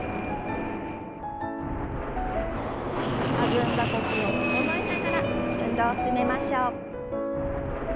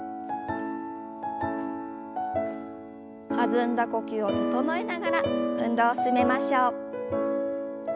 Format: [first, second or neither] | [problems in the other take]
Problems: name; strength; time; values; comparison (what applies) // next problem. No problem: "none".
second | background sound (Fixed-wing aircraft, airplane); 1 dB below the speech